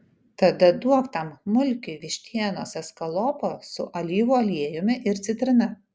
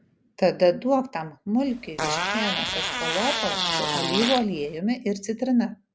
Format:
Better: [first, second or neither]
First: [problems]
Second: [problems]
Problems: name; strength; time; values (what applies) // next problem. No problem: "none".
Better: first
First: none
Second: background sound (Fart); 2 dB below the speech